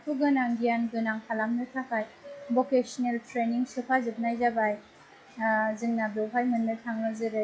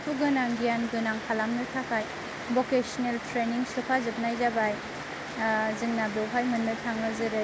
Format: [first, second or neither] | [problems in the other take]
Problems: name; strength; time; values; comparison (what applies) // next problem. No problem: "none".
second | noise reduction (classical method log-MMSE)